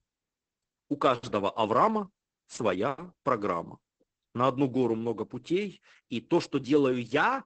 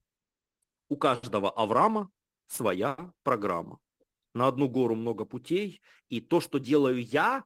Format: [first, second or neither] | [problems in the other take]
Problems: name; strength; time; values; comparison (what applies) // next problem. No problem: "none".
second | garbled, watery; badly; nothing above 8 kHz; slightly in the second